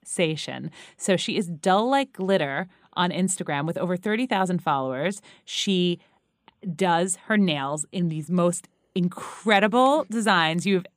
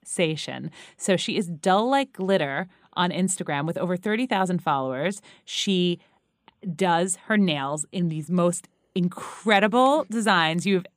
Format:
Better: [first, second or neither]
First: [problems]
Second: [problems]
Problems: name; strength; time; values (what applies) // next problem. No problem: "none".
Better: neither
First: none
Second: none